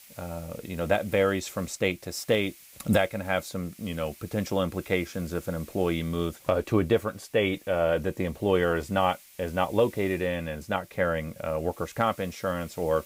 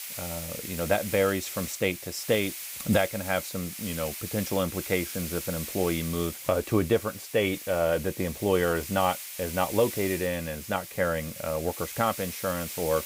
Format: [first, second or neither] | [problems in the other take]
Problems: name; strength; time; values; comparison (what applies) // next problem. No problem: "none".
first | hiss; loud; throughout; 8 dB below the speech; faint in the first